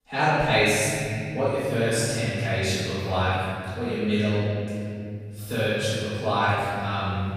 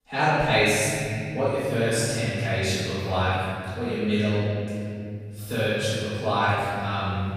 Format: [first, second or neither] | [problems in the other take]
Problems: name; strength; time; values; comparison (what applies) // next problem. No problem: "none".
neither | room echo; strong; dies away in 3 s; the same in both // off-mic speech; far; the same in both